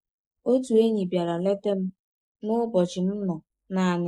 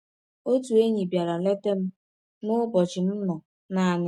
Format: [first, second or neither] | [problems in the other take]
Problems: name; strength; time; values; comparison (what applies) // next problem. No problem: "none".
second | noise reduction (neural mask model Resemble Enhance denoiser)